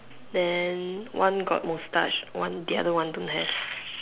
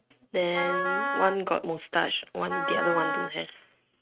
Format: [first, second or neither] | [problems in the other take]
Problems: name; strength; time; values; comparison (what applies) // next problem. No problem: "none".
first | noise reduction (neural mask model RNNoise)